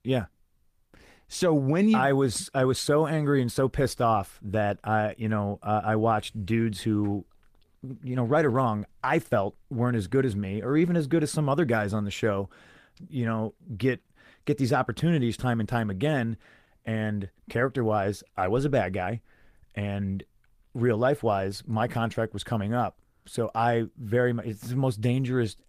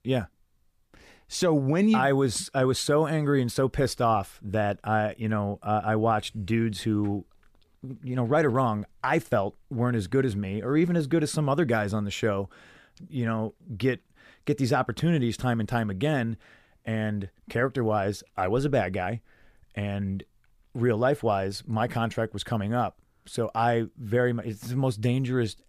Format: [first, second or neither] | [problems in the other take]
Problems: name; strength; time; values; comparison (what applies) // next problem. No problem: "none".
second | garbled, watery; slightly; nothing above 15 kHz